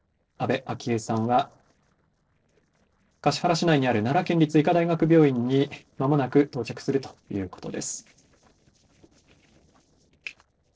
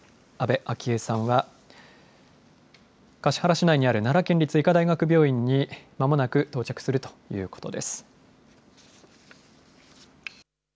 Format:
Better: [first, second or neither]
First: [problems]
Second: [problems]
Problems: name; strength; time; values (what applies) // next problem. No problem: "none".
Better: second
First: noise reduction (neural separator model SepFormer DNS4)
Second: none